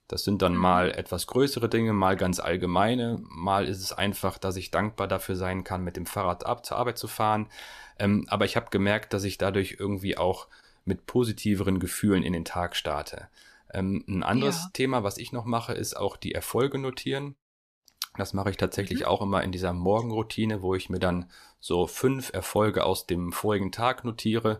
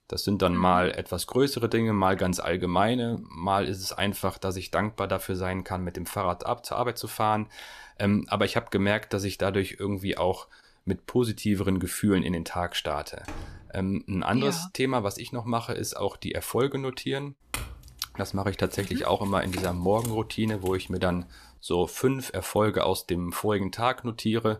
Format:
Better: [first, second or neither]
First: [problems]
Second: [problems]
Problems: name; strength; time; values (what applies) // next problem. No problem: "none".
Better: first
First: none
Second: door banging; faint; at 13 s; peak 15 dB below the speech // clattering dishes; noticeable; from 18 to 21 s; peak 8 dB below the speech